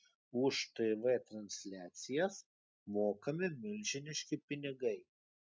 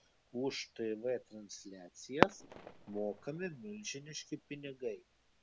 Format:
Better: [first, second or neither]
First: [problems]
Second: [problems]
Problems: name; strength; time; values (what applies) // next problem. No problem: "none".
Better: first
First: none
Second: background sound (Fireworks); as loud as the speech